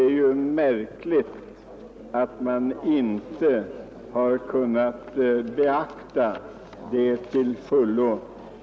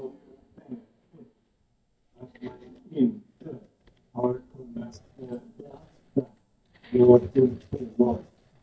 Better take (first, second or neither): first